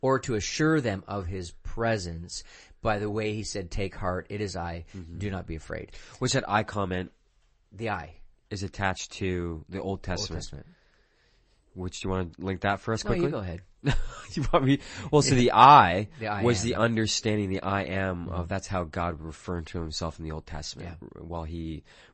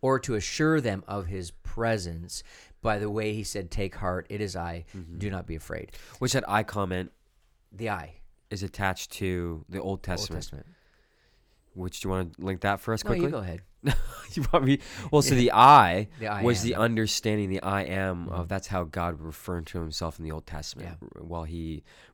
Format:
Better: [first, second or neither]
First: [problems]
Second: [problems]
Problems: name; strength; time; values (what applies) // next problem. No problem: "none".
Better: second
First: garbled, watery; slightly; nothing above 8 kHz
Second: none